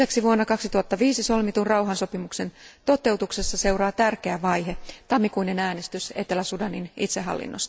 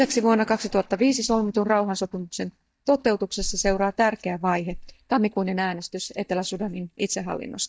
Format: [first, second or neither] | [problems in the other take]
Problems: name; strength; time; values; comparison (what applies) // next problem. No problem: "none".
first | noise reduction (neural mask model DeepFilterNet 3)